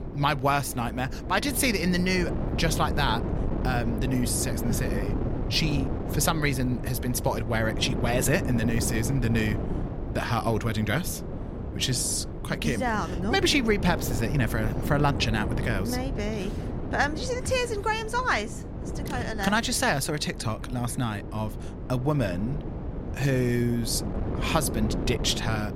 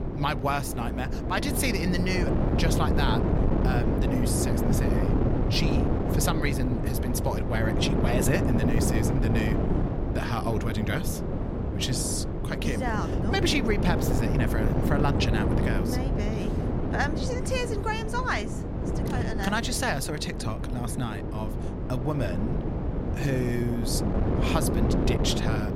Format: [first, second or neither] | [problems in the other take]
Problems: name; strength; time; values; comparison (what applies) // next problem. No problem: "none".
first | wind noise on the microphone; heavy; 2 dB below the speech; occasional gusts in the first